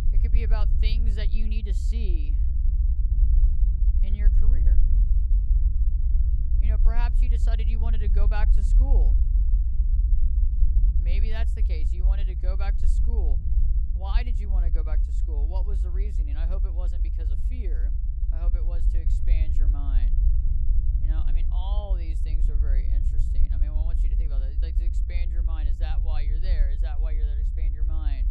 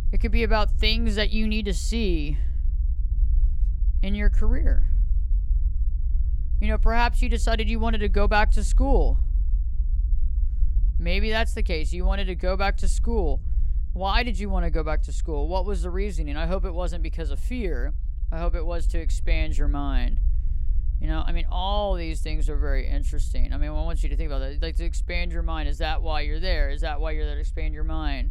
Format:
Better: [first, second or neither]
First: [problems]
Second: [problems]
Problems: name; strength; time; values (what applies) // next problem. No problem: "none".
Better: second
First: low rumble; loud; throughout; 4 dB below the speech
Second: low rumble; faint; throughout; 20 dB below the speech